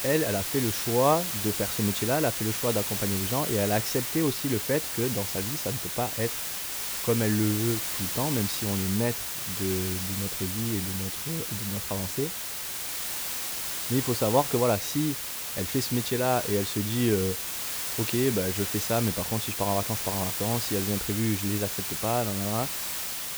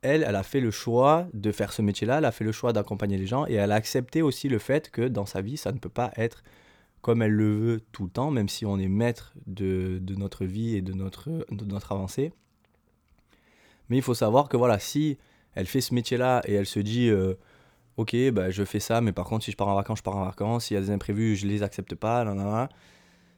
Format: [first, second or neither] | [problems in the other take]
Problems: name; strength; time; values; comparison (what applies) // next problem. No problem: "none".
second | hiss; loud; throughout; 1 dB below the speech